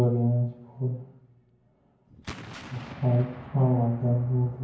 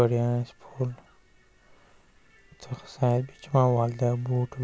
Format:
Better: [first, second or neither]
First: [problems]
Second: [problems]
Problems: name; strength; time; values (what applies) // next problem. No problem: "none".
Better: second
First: background sound (Explosion); 18 dB below the speech // room echo; dies away in 0.9 s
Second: none